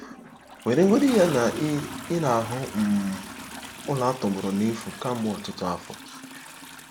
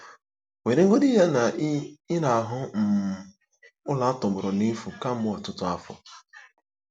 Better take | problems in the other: second | background sound (Toilet flush); 13 dB below the speech

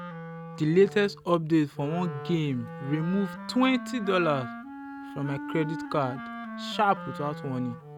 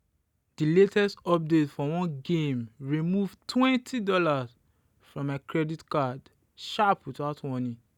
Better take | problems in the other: second | background sound (Wind instrument, woodwind instrument); 11 dB below the speech

